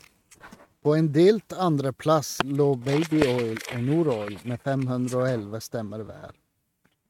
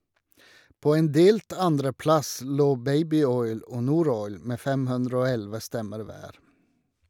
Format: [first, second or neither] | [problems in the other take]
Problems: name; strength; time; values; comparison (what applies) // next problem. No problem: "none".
second | noise reduction (neural mask model RNNoise)